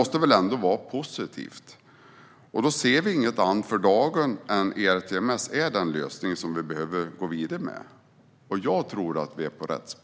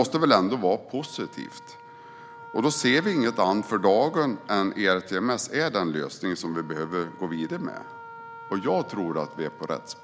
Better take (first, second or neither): first